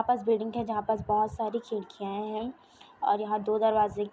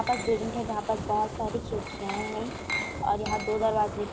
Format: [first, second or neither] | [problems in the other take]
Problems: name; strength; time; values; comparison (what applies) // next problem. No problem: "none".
first | background sound (Fire + Glass); 5 dB below the speech